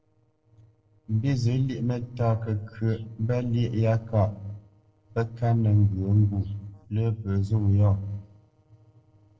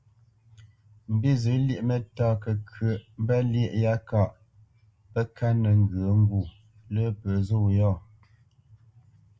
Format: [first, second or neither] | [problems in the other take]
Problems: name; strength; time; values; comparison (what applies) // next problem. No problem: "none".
second | noise reduction (neural separator model SepFormer DNS4)